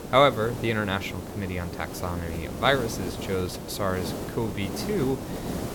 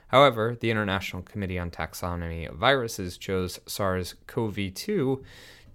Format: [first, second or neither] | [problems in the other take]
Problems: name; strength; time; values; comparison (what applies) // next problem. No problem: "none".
second | hiss; loud; throughout; 7 dB below the speech